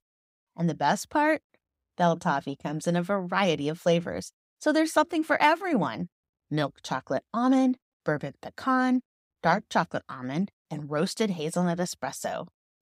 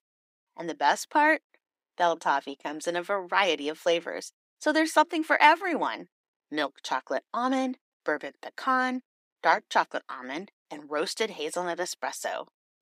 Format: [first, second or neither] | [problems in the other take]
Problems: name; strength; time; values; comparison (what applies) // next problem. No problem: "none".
first | thin; somewhat; fading below 300 Hz